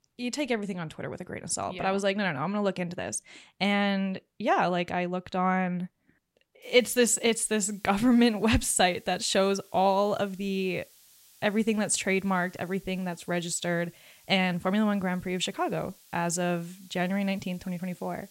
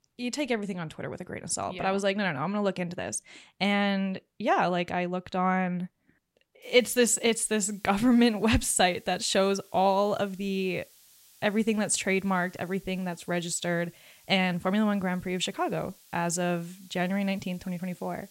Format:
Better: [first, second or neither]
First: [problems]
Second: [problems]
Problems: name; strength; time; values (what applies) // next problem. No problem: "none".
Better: neither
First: hiss; faint; from 6.5 s on; 25 dB below the speech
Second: hiss; faint; from 6.5 s on; 25 dB below the speech